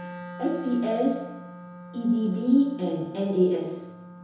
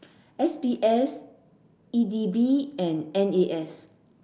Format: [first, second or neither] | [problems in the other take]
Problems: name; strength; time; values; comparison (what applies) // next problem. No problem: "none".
second | background sound (Wind instrument, woodwind instrument); 15 dB below the speech // room echo; dies away in 0.9 s